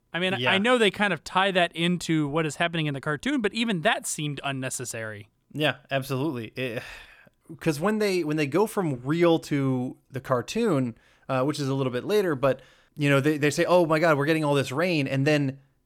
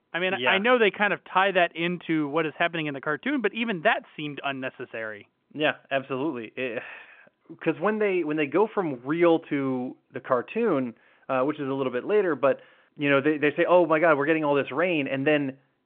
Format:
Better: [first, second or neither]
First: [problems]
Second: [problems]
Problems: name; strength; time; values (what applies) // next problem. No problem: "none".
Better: first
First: none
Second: phone-call audio; nothing above 3.5 kHz